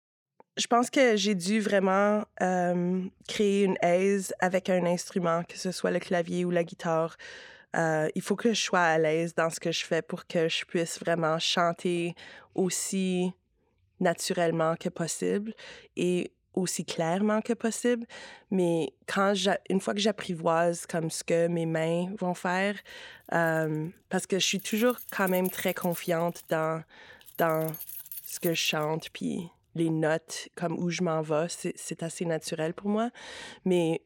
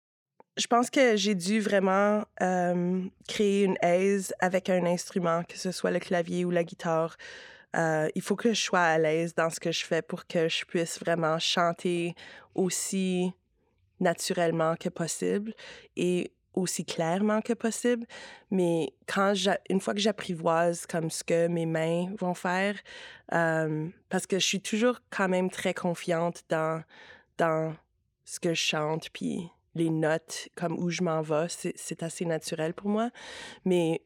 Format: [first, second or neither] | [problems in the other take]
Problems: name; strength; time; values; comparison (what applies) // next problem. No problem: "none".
second | jangling keys; noticeable; from 23 to 29 s; peak 8 dB below the speech